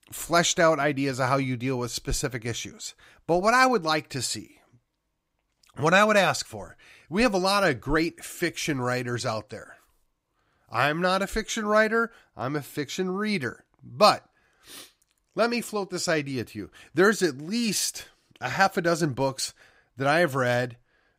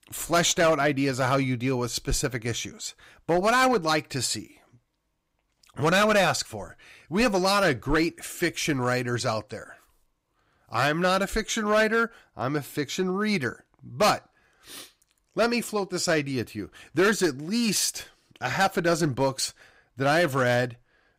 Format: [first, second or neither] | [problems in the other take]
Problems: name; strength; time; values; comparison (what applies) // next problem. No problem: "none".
first | distortion; slight; 4% of the sound clipped